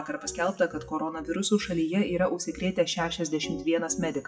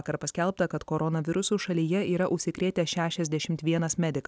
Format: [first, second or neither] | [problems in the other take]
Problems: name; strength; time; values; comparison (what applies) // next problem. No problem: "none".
second | noise reduction (classical method WPE with log-MMSE)